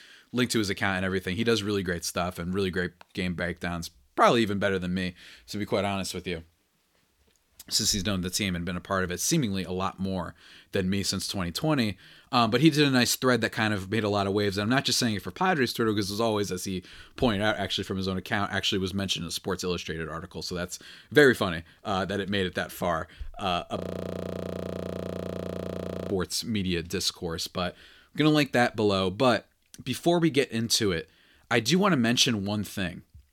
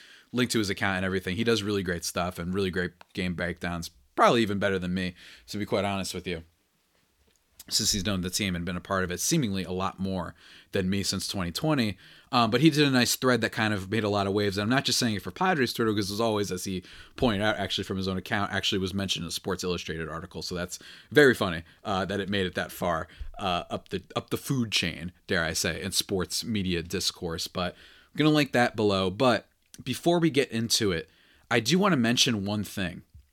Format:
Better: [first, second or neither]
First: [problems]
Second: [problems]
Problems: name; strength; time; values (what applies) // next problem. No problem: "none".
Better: second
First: audio freezing; at 24 s for 2.5 s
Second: none